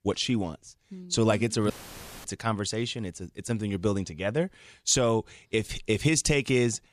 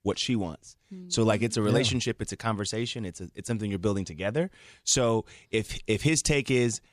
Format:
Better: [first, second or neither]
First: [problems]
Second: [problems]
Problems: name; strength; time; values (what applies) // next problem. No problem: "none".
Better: second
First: audio cutting out; filled with static; at 1.5 s for 0.5 s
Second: none